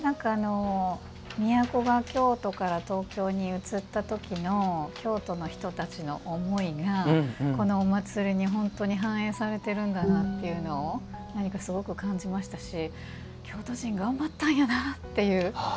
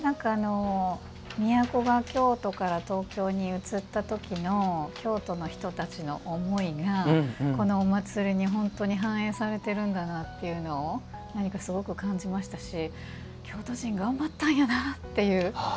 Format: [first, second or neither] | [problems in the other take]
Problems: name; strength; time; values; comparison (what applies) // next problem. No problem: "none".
second | background sound (Bowed string instrument); 5 dB below the speech